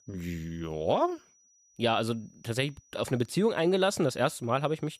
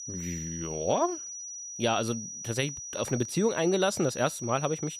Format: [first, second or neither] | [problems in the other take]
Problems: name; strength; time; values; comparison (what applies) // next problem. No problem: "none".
first | high-pitched whine; loud; throughout; 6 kHz, 8 dB below the speech; faint in the first